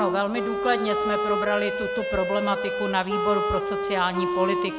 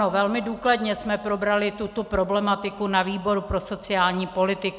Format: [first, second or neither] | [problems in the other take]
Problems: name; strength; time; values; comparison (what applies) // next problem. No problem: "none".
second | background sound (Wind instrument, woodwind instrument); as loud as the speech